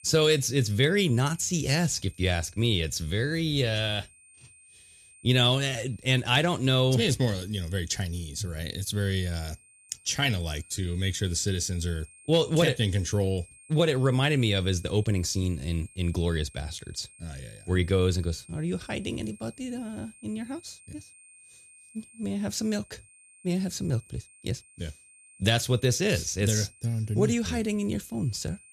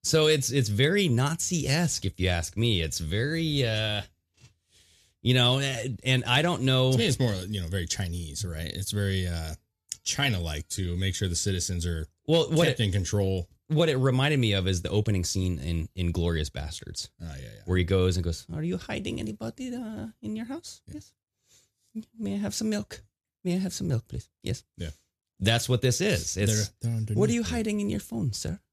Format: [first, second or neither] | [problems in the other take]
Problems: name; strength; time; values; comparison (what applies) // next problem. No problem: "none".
second | high-pitched whine; faint; throughout; 8.5 kHz, 25 dB below the speech